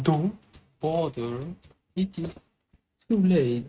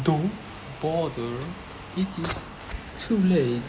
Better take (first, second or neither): second